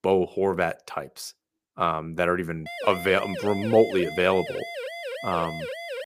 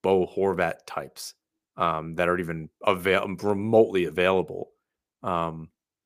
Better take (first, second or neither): second